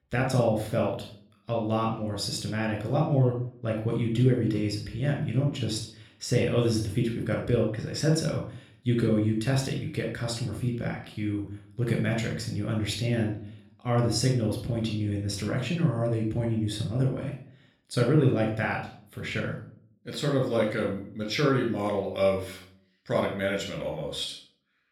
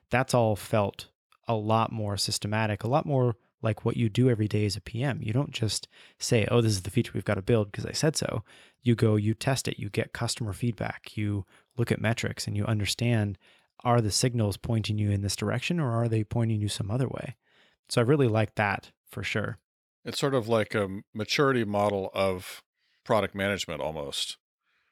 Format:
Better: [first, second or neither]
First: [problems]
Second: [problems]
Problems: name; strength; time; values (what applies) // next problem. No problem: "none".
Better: second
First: off-mic speech; somewhat distant // room echo; noticeable; dies away in 0.4 s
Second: none